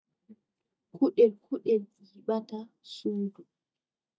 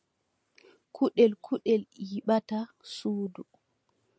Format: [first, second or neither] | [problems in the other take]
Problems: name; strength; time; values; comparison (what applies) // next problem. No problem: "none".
second | noise reduction (neural mask model DeepFilterNet 3)